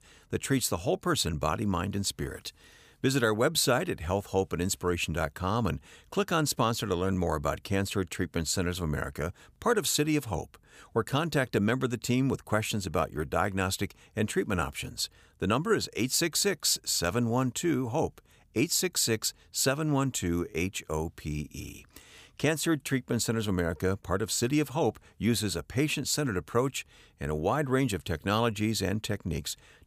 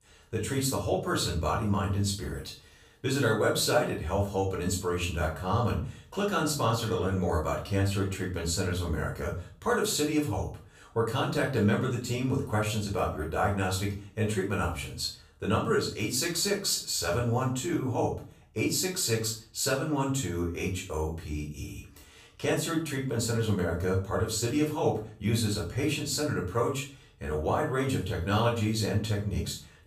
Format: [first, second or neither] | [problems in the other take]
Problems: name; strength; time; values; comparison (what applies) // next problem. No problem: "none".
first | off-mic speech; far // room echo; slight; dies away in 0.4 s